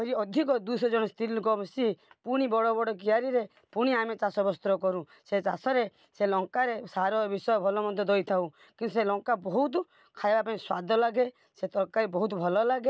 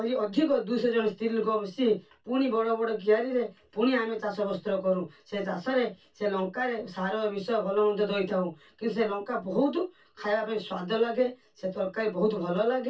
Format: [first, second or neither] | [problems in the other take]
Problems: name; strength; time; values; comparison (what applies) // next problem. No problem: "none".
first | room echo; dies away in 0.2 s